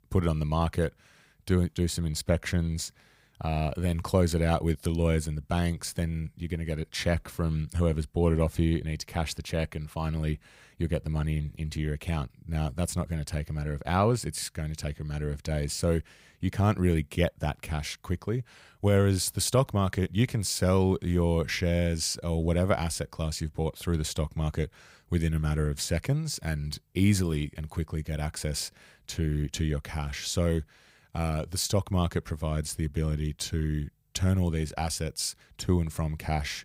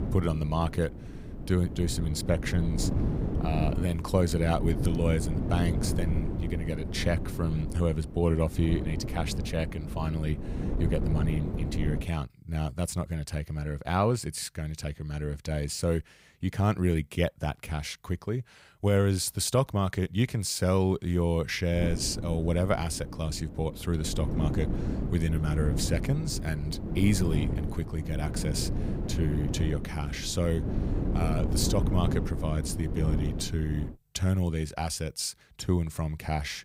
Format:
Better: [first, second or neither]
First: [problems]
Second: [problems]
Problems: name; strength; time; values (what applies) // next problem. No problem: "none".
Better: first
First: none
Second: wind noise on the microphone; heavy; until 12 s and from 22 to 34 s; 7 dB below the speech